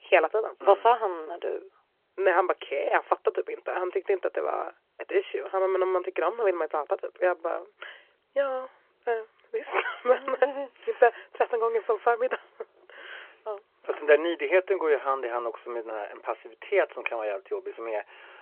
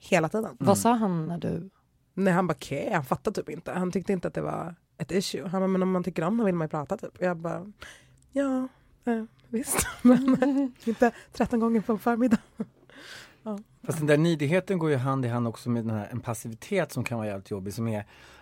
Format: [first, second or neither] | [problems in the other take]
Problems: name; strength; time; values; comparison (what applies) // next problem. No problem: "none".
second | phone-call audio